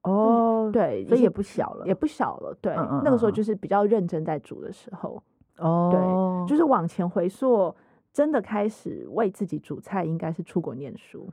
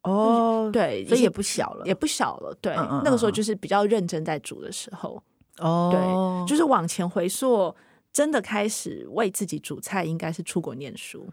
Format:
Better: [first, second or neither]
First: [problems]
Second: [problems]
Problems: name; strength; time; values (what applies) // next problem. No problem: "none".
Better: second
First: muffled; very; fading above 2 kHz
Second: none